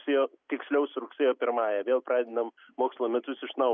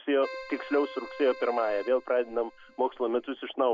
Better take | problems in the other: first | background sound (Keyboard (musical)); 17 dB below the speech

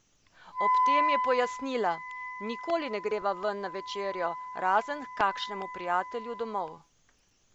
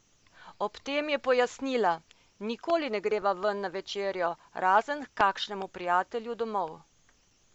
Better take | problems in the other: second | background sound (Wind instrument, woodwind instrument); 1 dB below the speech

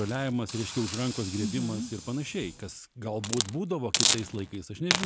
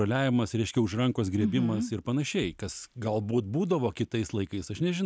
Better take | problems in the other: second | background sound (Hiss); 2 dB below the speech

